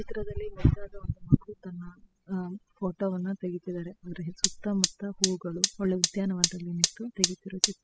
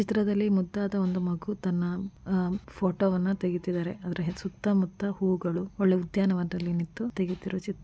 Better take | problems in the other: second | noise reduction (classical method spectral subtraction)

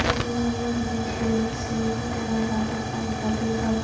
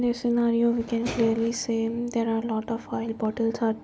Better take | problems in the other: second | background sound (Tick / Hiss / Explosion / Fire); 2 dB below the speech // room echo; dies away in 0.8 s

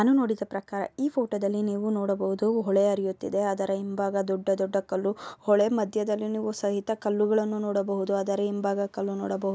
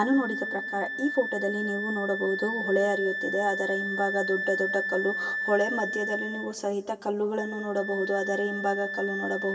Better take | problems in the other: first | background sound (Wind instrument, woodwind instrument); 4 dB below the speech // room echo; dies away in 2.9 s

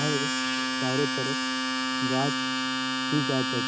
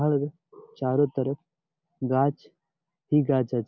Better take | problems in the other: second | background sound (Domestic sounds, home sounds); 4 dB above the speech

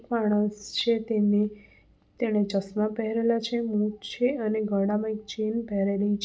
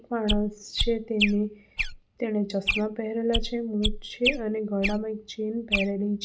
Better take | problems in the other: first | noise reduction (neural mask model Resemble Enhance denoiser)

